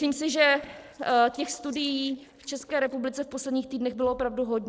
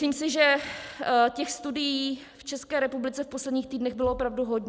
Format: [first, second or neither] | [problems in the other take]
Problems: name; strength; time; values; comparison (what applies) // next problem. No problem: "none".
second | noise reduction (neural separator model SepFormer DNS4)